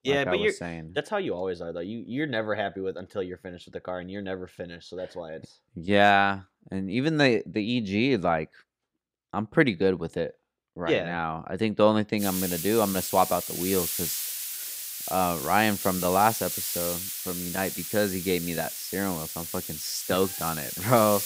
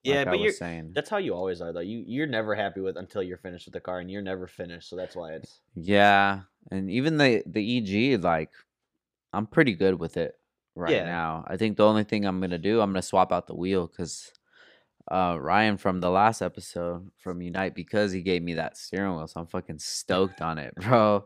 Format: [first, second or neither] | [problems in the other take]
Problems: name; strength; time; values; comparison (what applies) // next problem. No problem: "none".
second | hiss; loud; from 12 s on; 4 dB below the speech